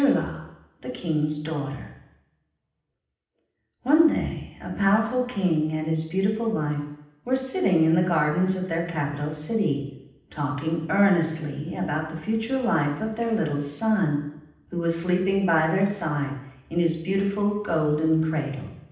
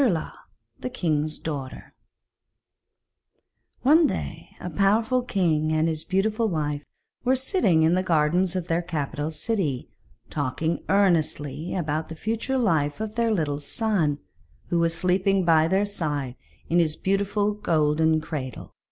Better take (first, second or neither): second